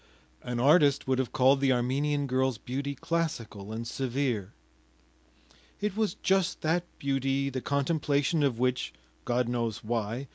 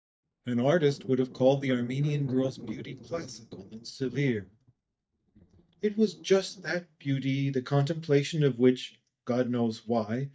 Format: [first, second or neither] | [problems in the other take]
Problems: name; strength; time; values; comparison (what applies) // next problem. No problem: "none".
first | noise reduction (neural mask model DeepFilterNet 3)